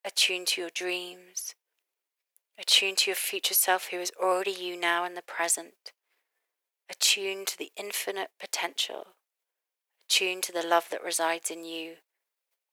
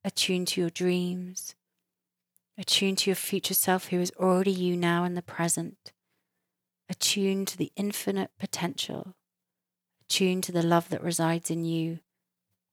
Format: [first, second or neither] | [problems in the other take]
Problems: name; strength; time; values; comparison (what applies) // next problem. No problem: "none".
second | thin; very; fading below 450 Hz